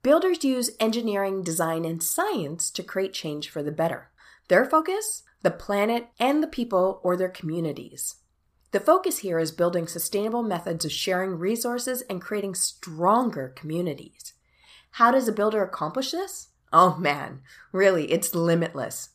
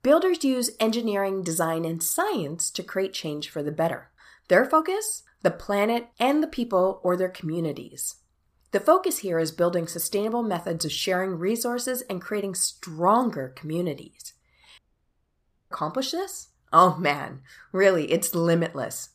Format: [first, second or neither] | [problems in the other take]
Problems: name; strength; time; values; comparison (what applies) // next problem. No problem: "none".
first | audio cutting out; at 15 s for 1 s